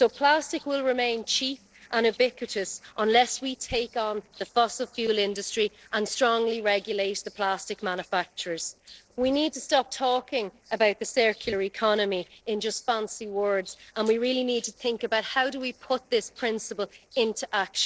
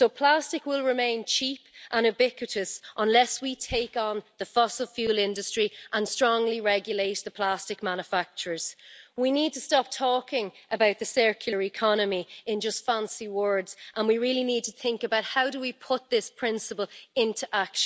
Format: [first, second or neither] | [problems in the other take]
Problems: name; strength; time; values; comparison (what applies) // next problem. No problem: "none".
second | noise reduction (neural separator model SepFormer DNS4)